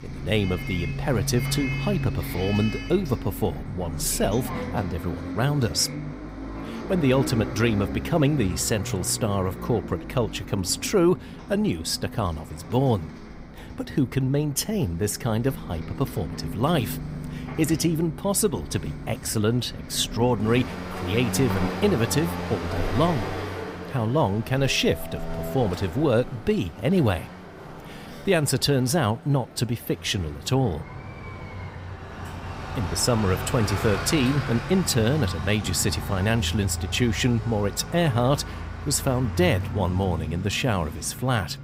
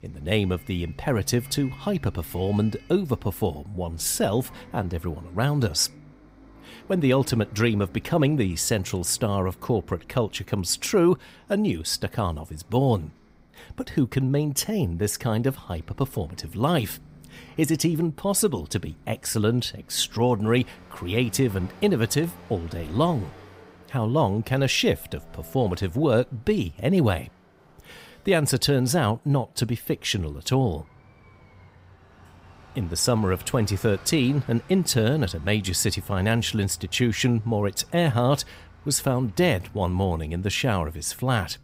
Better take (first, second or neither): second